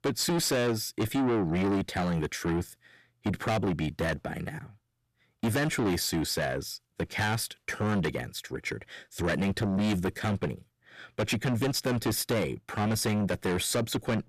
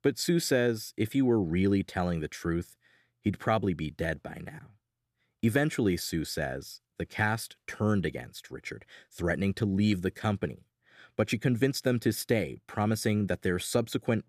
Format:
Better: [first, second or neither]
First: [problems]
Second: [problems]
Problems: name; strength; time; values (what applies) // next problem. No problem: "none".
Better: second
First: distortion; heavy; 5 dB below the speech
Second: none